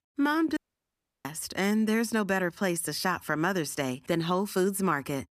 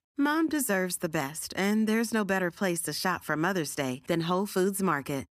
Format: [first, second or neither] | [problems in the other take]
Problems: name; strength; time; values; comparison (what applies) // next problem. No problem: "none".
second | audio cutting out; at 0.5 s for 0.5 s